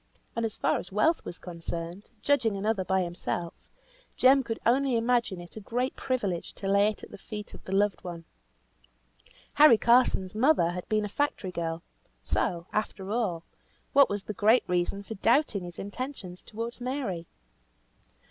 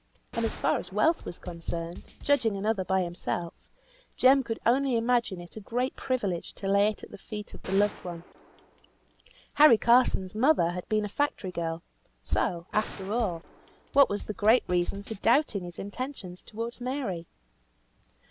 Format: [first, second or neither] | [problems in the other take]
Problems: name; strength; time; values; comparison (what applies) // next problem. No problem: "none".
first | background sound (Bass drum / Snare drum / Drum kit + Gunshot, gunfire); 15 dB below the speech